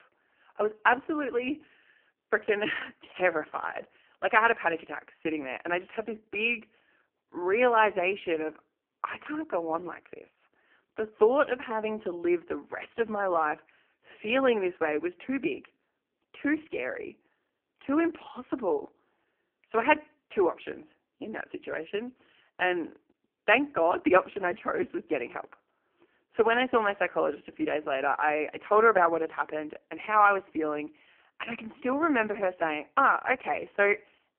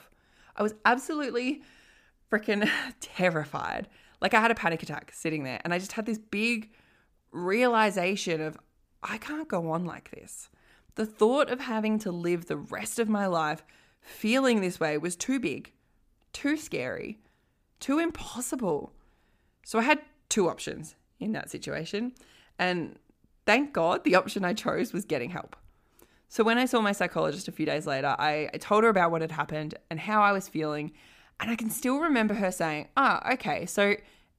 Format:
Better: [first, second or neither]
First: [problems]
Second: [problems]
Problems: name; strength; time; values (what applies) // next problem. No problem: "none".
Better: second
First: phone-call audio; poor line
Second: none